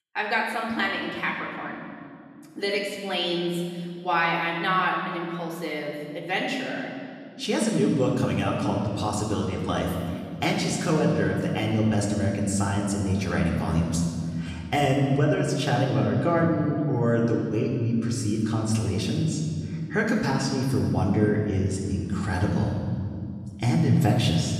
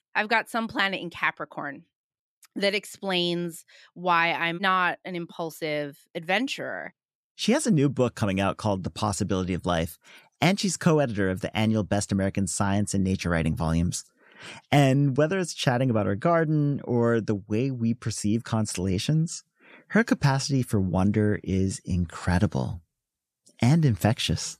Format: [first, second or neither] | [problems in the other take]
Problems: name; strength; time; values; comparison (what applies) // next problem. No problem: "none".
second | room echo; noticeable; dies away in 2.3 s // off-mic speech; far